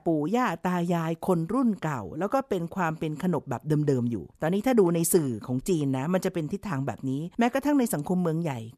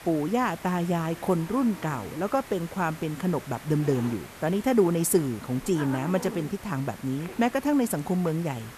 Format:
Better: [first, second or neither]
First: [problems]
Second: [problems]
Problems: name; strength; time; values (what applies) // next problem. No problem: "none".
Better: first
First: none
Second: hiss; noticeable; throughout; 15 dB below the speech